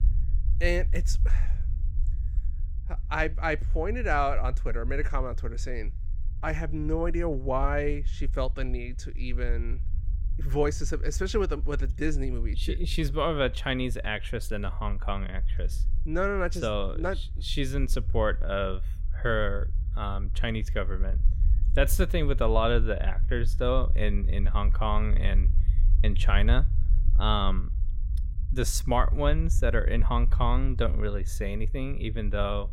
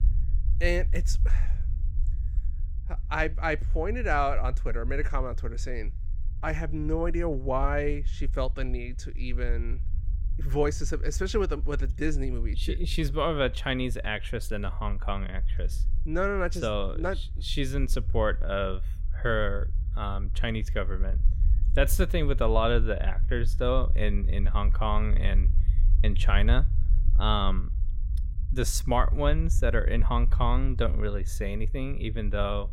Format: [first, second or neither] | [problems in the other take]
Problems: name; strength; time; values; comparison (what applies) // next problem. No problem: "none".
neither | low rumble; faint; throughout; 20 dB below the speech; the same in both